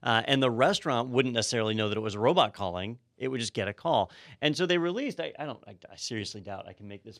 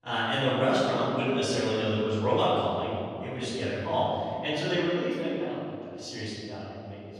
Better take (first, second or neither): first